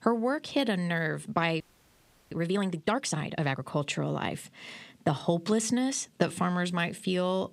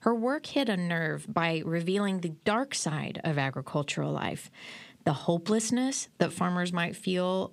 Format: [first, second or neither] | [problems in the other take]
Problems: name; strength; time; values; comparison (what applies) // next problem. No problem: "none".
second | audio freezing; at 1.5 s for 0.5 s